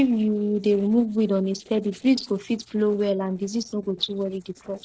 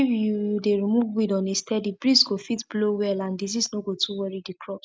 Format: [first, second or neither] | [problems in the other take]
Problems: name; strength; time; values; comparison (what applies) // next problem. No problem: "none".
second | noise reduction (neural separator model SepFormer DNS4)